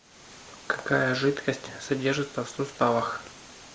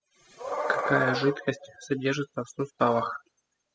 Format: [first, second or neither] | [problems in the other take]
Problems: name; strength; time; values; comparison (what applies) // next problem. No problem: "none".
first | noise reduction (classical method spectral subtraction)